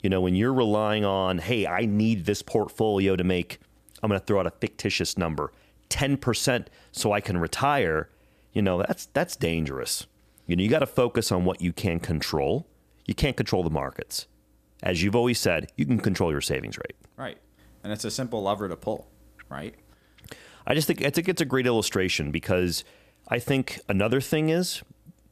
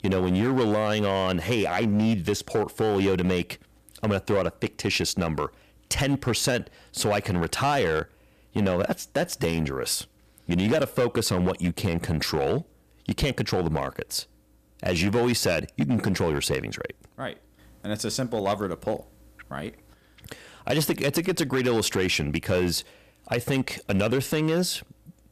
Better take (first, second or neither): first